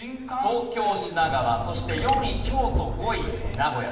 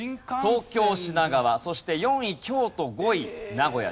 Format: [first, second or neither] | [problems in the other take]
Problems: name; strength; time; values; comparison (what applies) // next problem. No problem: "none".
second | background sound (Trickle, dribble / Chirp, tweet); 2 dB below the speech // room echo; dies away in 1 s